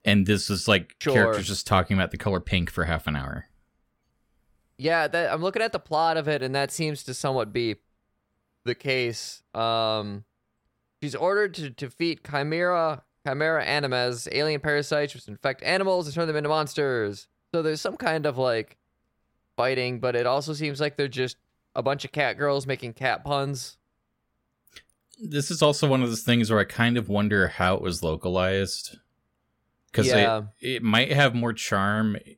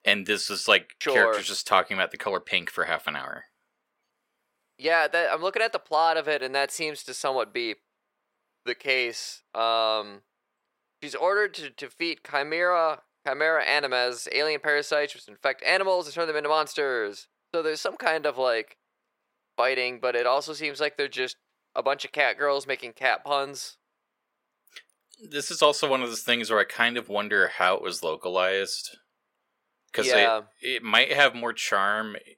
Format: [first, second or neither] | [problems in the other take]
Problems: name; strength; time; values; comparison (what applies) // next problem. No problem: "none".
first | thin; very; fading below 500 Hz